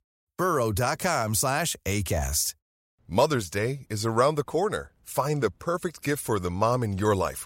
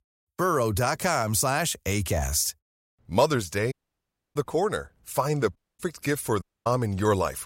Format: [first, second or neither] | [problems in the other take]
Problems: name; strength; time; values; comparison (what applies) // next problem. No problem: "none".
first | audio cutting out; at 3.5 s for 0.5 s, at 5.5 s and at 6.5 s